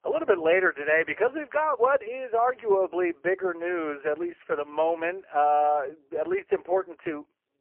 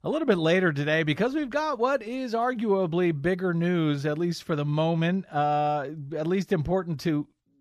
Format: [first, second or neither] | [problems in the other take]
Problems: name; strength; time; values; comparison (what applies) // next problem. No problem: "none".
second | phone-call audio; poor line; nothing above 3 kHz